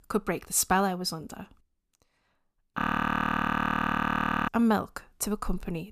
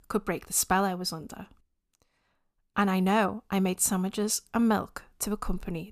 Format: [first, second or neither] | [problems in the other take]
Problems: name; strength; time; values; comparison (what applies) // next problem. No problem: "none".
second | audio freezing; at 3 s for 1.5 s